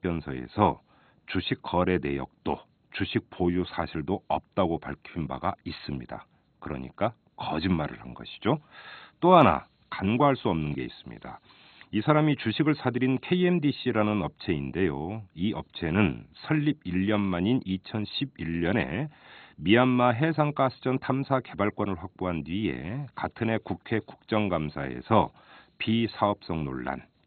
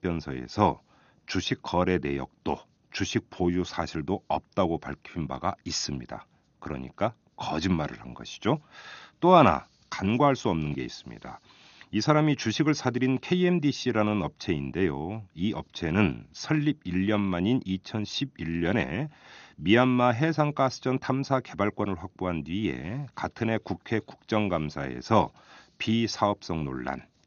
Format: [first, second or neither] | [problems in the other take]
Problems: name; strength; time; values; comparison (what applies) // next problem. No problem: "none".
second | garbled, watery; badly; nothing above 4 kHz; slightly in the second